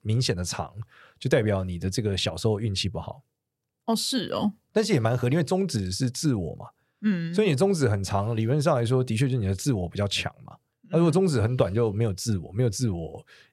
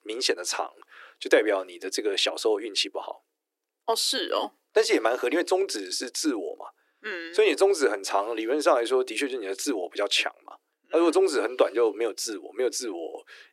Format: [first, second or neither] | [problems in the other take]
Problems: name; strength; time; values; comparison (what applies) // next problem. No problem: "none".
first | thin; very; fading below 300 Hz